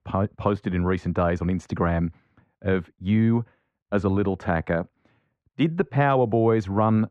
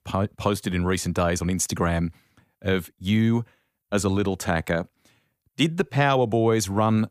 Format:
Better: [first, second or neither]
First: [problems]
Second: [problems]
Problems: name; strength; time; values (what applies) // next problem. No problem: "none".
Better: second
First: muffled; very; fading above 1.5 kHz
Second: none